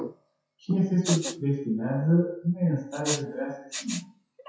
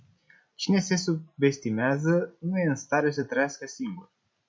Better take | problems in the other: second | noise reduction (classical method WPE with log-MMSE)

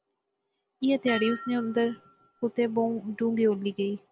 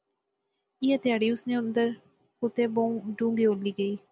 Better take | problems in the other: second | background sound (Dishes, pots, and pans); 14 dB below the speech

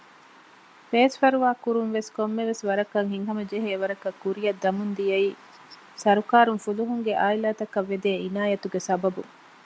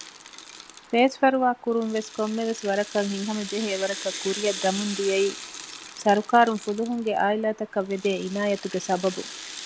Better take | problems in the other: first | background sound (Rattle (instrument)); 13 dB below the speech

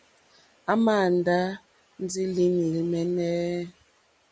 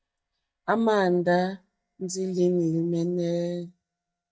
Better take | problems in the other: first | noise reduction (neural mask model DeepFilterNet 3)

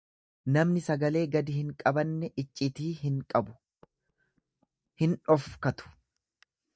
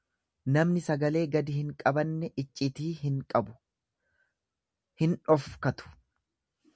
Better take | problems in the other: second | noise reduction (neural mask model DeepFilterNet 3)

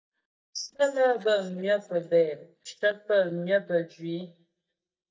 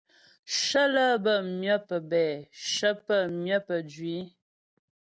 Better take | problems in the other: second | noise reduction (neural mask model DeepFilterNet 3)

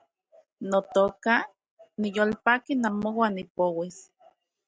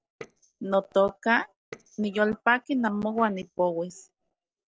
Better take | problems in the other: first | noise reduction (neural separator model SepFormer DNS4)

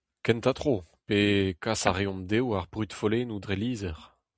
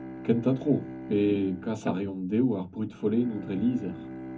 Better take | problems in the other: first | background sound (Bowed string instrument); 14 dB below the speech // room echo; dies away in 0.3 s

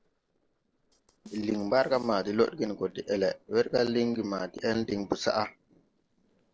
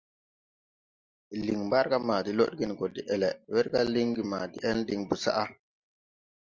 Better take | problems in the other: second | noise reduction (neural separator model SepFormer DNS4)

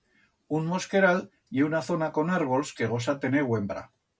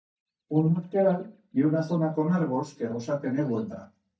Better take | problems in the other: first | noise reduction (neural mask model DeepFilterNet 3)

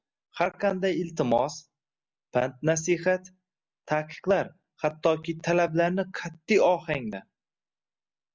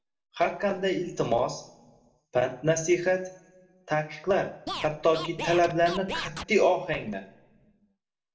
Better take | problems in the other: first | background sound (Scratching (performance technique)); 8 dB below the speech // room echo; dies away in 0.5 s

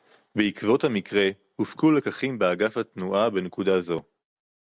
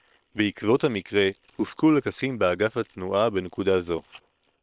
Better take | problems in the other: first | noise reduction (neural separator model SepFormer WHAM!)

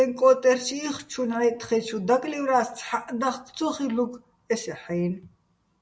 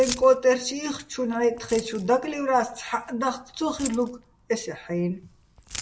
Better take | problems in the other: first | background sound (Keys jangling); 16 dB below the speech

